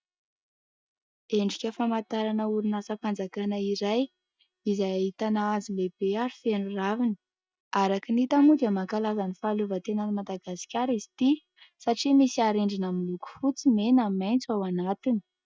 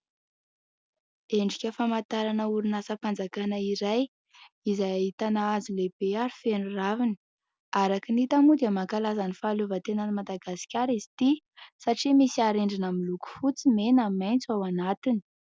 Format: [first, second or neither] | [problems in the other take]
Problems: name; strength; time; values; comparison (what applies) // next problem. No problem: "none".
second | noise reduction (neural mask model DeepFilterNet 3)